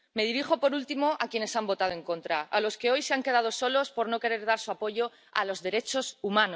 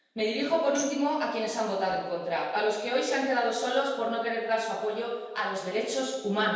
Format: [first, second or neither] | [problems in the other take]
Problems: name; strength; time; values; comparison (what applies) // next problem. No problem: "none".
first | background sound (Tambourine); 15 dB below the speech // room echo; dies away in 1.2 s